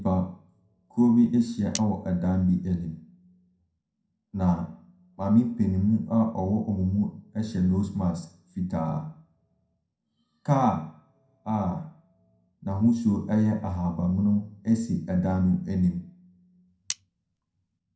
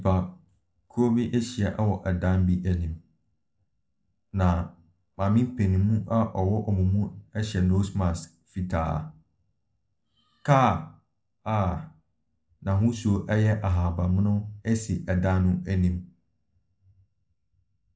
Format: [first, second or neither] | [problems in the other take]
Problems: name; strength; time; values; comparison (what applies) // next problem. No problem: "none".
second | background sound (Cutlery, silverware); 15 dB below the speech // room echo; dies away in 0.4 s